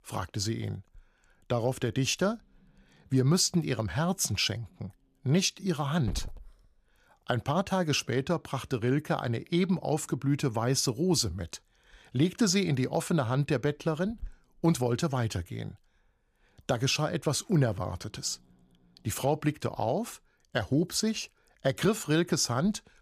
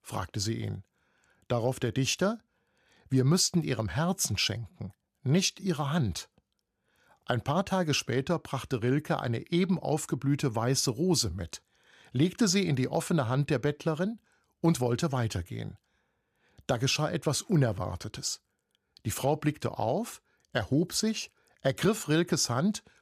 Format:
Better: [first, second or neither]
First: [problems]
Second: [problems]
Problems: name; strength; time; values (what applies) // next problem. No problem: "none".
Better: second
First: hiss; faint; throughout; 25 dB below the speech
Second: none